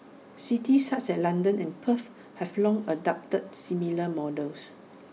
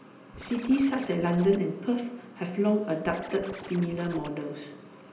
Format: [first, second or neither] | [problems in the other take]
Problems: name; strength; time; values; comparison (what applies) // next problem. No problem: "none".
first | background sound (Scratching (performance technique)); 16 dB below the speech // room echo; dies away in 0.8 s